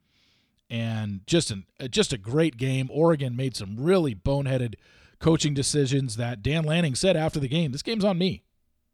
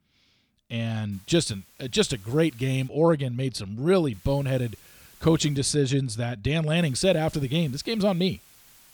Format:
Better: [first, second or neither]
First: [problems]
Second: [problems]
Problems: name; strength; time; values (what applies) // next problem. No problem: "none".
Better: first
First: none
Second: hiss; faint; from 1 to 3 s, from 4 to 5.5 s and from 7 s on; 25 dB below the speech